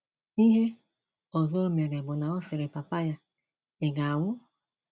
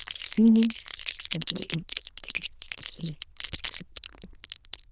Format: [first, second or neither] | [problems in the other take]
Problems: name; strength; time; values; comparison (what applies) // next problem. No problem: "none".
first | noise reduction (neural diffusion model UNIVERSE++)